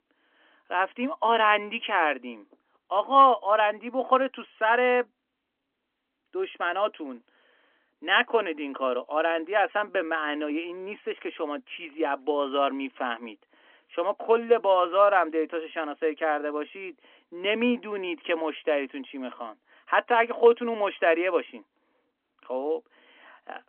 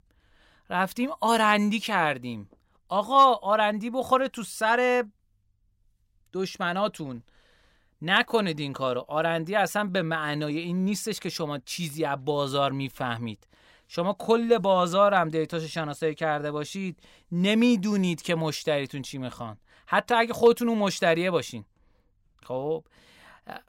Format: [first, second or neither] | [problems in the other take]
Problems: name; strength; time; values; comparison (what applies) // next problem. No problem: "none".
second | phone-call audio; nothing above 3.5 kHz